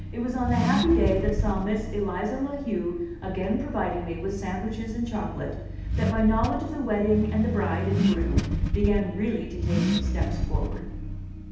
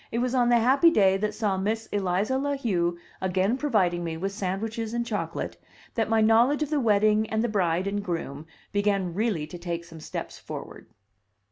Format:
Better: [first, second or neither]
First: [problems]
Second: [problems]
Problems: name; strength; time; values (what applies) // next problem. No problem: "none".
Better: second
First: background sound (Accelerating, revving, vroom / Car); as loud as the speech // room echo; dies away in 0.8 s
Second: none